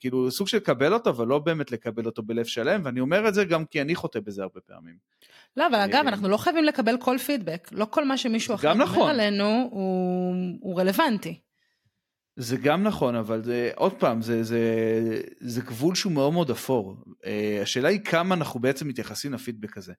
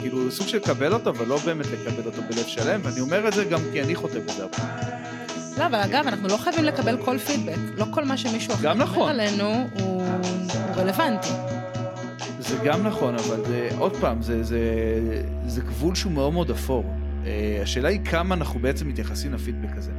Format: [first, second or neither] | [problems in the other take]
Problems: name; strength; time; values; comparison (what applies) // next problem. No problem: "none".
first | background music; loud; throughout; 5 dB below the speech